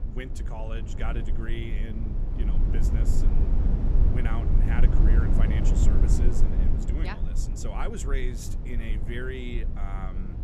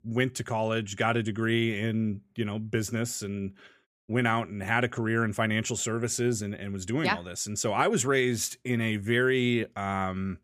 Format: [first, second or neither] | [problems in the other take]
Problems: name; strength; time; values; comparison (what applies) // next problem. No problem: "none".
second | low rumble; loud; throughout; 2 dB below the speech